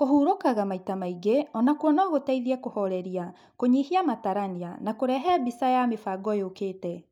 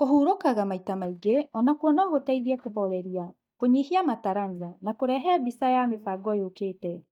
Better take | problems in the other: first | noise reduction (neural mask model DeepFilterNet 3)

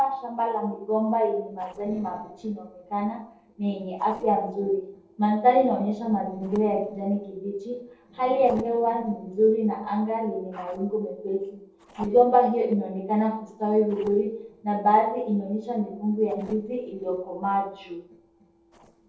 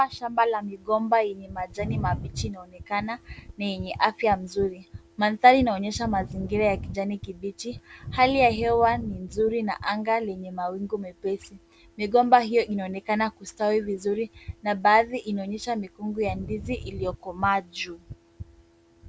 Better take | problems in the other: second | noise reduction (neural separator model SepFormer DNS4)

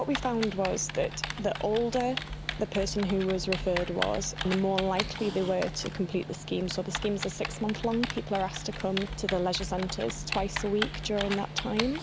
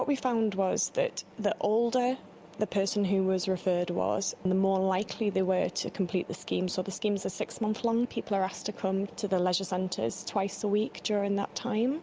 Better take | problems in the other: second | background sound (Typing); 6 dB below the speech

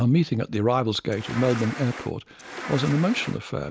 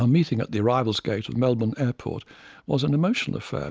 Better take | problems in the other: second | background sound (Insect); 11 dB below the speech

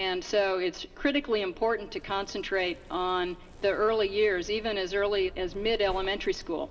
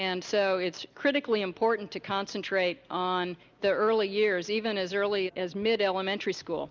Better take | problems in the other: second | background sound (Zipper (clothing)); 17 dB below the speech // room echo; dies away in 0.6 s

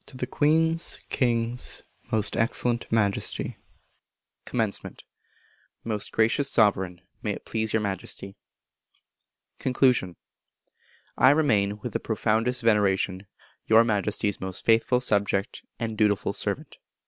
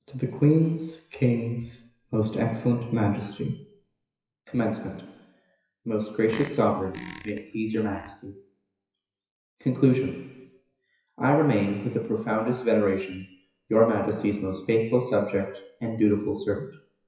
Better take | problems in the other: first | noise reduction (classical method WPE with log-MMSE)

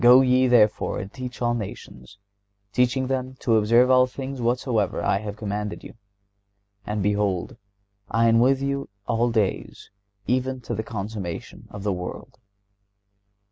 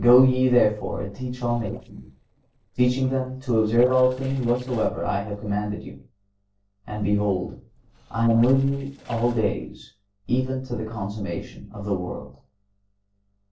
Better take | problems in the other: first | noise reduction (neural separator model SepFormer DNS4)

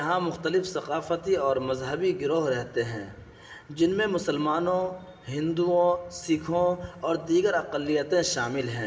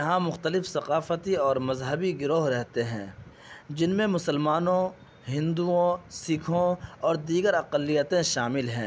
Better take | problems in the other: second | room echo; dies away in 2.2 s

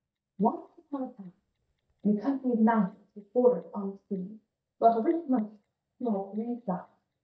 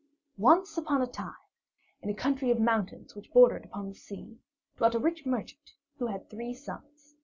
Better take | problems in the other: second | noise reduction (neural mask model DeepFilterNet 3)

